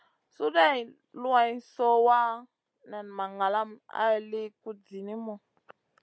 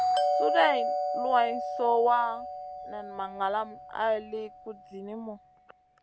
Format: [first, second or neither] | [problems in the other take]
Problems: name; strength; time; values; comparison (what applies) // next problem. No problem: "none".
first | background sound (Doorbell); 2 dB below the speech